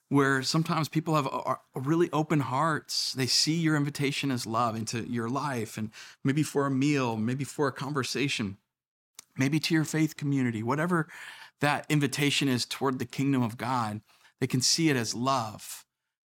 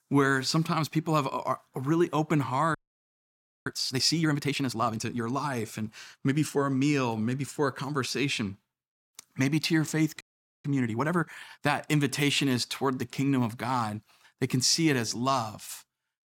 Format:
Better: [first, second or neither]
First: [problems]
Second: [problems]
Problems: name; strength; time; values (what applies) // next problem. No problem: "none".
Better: first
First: none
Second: audio freezing; at 3 s for 1 s and at 10 s